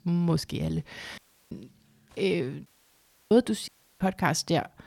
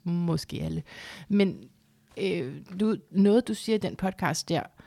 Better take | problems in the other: second | audio cutting out; at 1 s, at 2.5 s for 0.5 s and at 3.5 s

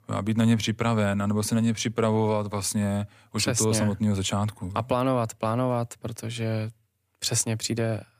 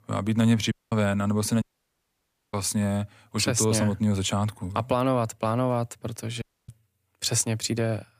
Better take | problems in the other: first | audio cutting out; at 0.5 s, at 1.5 s for 1 s and at 6.5 s

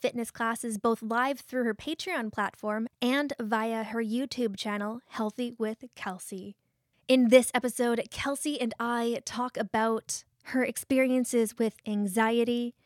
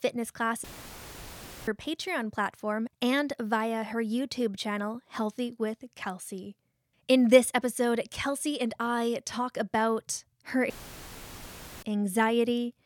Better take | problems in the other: first | audio cutting out; filled with static; at 0.5 s for 1 s and at 11 s for 1 s

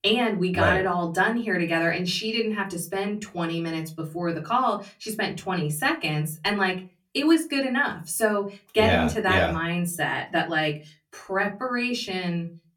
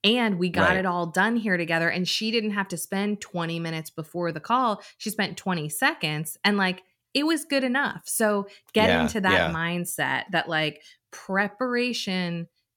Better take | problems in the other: second | off-mic speech; far // room echo; very slight; dies away in 0.2 s

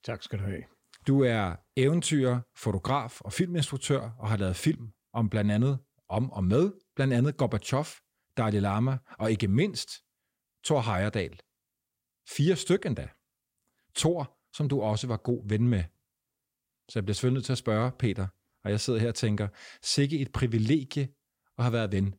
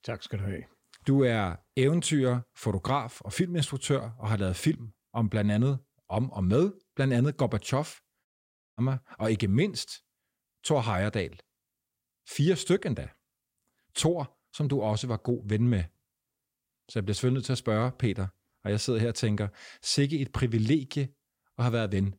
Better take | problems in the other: first | audio cutting out; at 8.5 s for 0.5 s

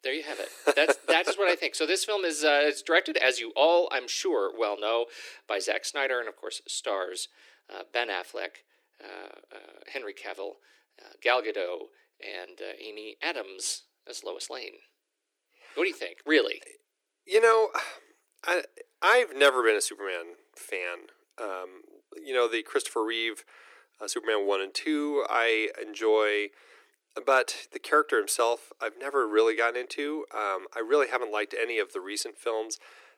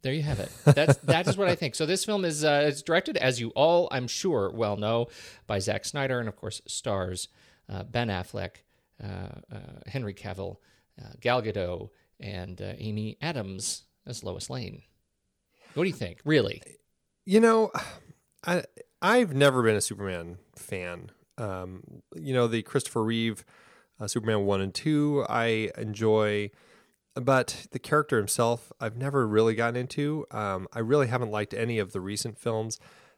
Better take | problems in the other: second | thin; very; fading below 300 Hz

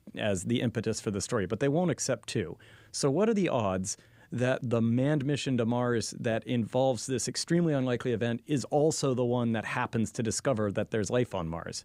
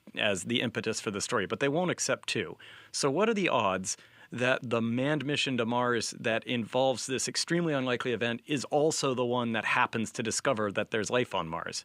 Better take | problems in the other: first | thin; very slightly; fading below 450 Hz

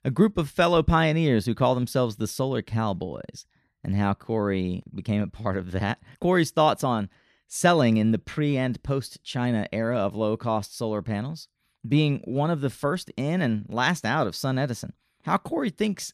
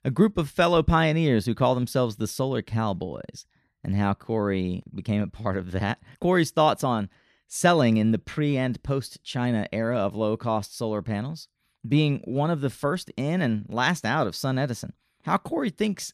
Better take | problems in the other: neither | none

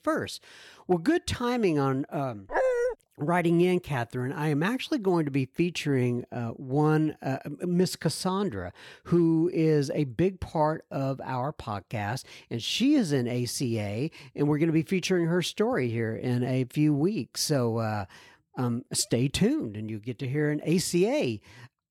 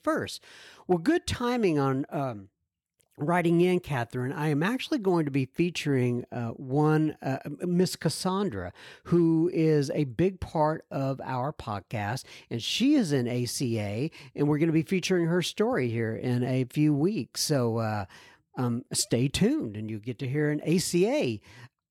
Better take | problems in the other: second | dog barking; loud; at 2.5 s; peak 2 dB above the speech

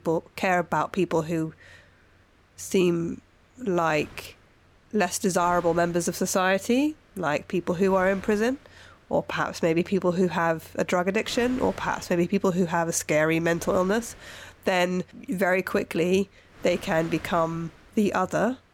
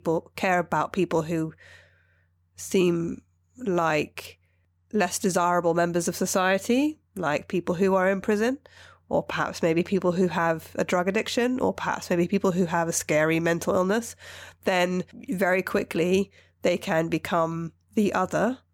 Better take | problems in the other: second | wind noise on the microphone; occasional gusts; 25 dB below the speech

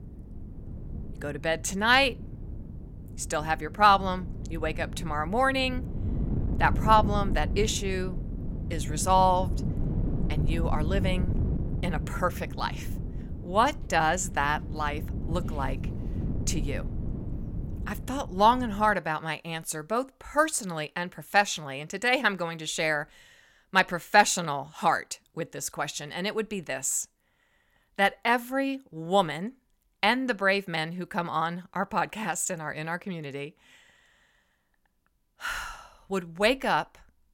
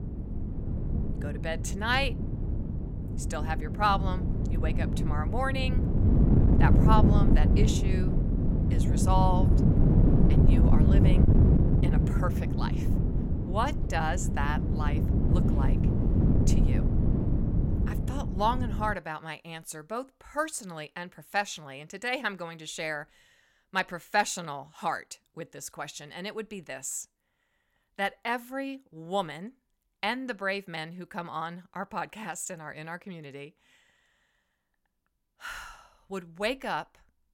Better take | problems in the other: first | wind noise on the microphone; heavy; until 19 s; 4 dB below the speech; occasional gusts in the first

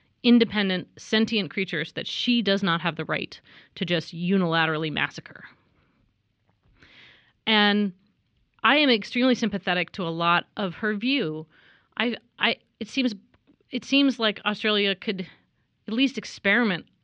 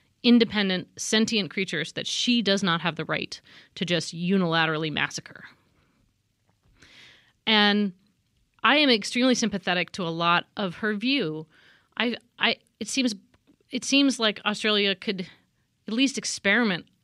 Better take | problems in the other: second | muffled; very slightly; fading above 4 kHz

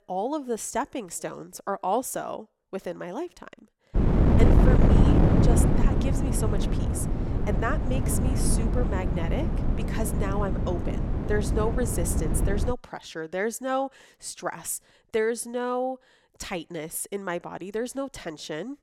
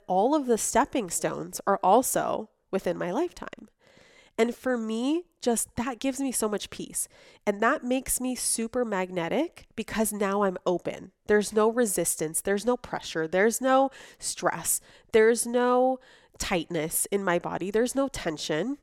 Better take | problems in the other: second | wind noise on the microphone; heavy; from 4 to 13 s; 1 dB below the speech

